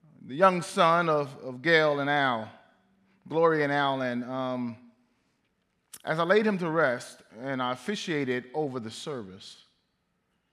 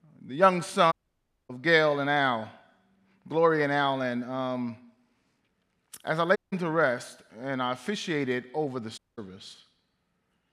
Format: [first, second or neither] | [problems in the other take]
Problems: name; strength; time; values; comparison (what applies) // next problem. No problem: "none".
first | audio cutting out; at 1 s for 0.5 s, at 6.5 s and at 9 s